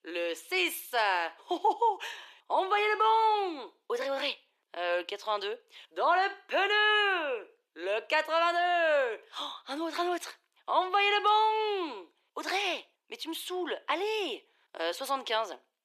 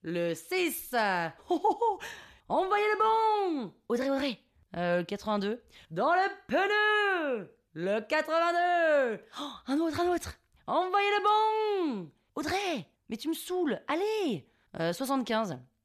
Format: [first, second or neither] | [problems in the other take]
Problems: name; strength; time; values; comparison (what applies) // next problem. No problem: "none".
second | thin; very; fading below 350 Hz